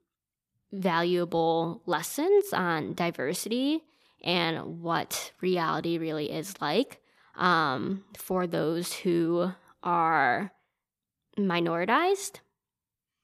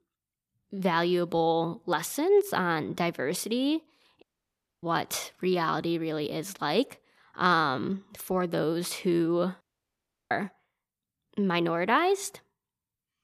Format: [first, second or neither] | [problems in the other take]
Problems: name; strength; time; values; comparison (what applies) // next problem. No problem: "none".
first | audio cutting out; at 4 s for 0.5 s and at 9.5 s for 0.5 s